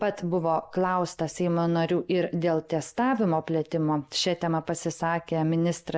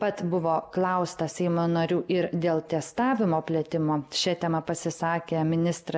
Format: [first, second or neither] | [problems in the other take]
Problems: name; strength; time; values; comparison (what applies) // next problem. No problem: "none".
second | noise reduction (neural mask model DeepFilterNet 3)